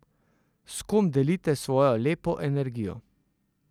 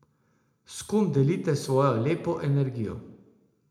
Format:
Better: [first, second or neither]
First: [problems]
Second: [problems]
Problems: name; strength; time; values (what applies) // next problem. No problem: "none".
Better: first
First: none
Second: room echo; dies away in 0.6 s